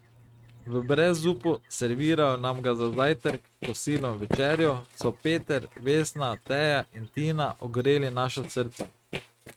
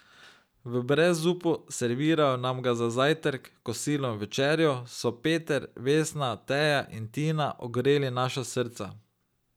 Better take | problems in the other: second | noise reduction (neural mask model RNNoise)

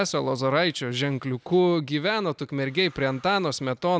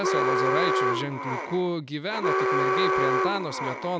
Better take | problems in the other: first | background sound (Alarm); 4 dB above the speech

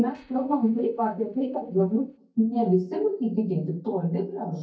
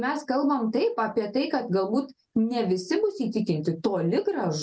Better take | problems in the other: second | noise reduction (neural mask model DeepFilterNet 3)

